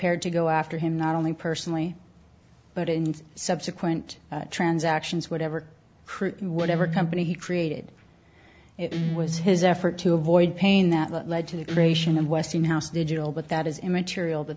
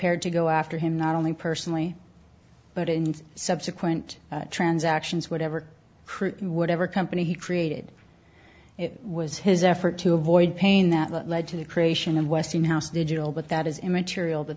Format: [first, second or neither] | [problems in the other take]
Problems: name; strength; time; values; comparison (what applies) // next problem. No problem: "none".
second | background sound (Guitar); 6 dB below the speech